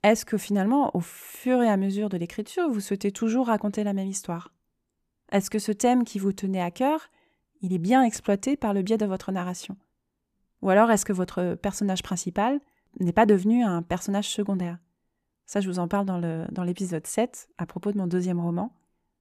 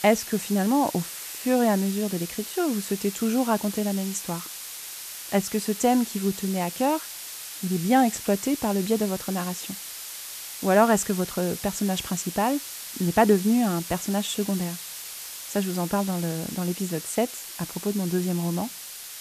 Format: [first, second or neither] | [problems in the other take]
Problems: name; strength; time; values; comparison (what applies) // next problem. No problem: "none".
first | hiss; loud; throughout; 9 dB below the speech